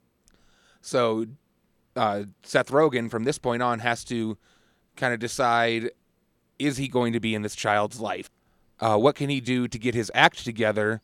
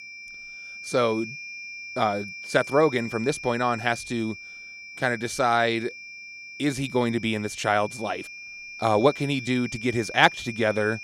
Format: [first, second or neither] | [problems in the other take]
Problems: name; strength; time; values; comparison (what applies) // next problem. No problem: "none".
first | high-pitched whine; noticeable; throughout; 2.5 kHz, 10 dB below the speech